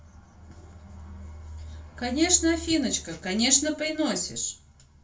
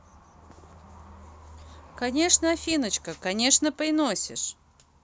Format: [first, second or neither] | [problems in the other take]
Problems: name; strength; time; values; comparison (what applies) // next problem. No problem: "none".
second | room echo; dies away in 0.3 s